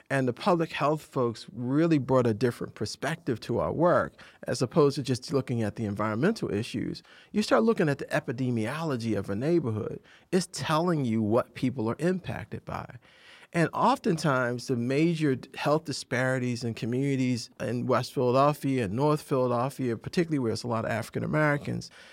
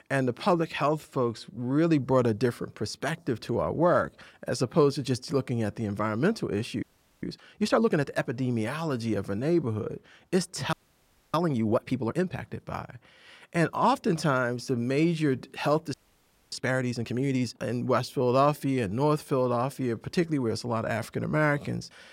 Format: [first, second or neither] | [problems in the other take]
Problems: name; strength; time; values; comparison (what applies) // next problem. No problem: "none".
first | audio freezing; at 7 s, at 11 s for 0.5 s and at 16 s for 0.5 s